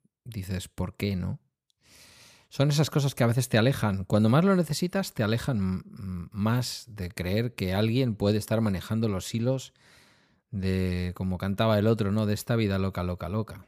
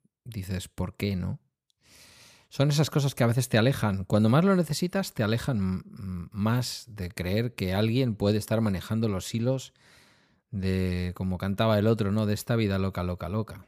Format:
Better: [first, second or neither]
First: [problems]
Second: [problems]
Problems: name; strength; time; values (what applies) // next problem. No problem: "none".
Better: neither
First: none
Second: none